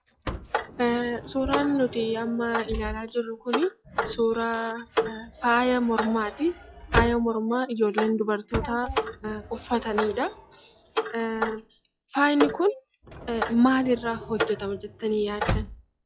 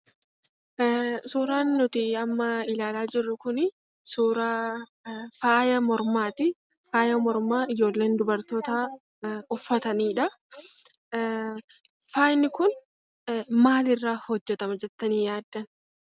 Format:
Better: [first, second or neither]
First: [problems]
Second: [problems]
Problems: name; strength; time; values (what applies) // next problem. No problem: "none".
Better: second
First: noise reduction (classical method log-MMSE)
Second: none